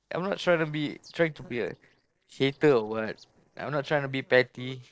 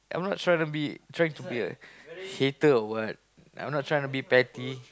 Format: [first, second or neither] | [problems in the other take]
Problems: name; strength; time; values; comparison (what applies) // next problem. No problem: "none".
second | noise reduction (neural separator model SepFormer DNS4)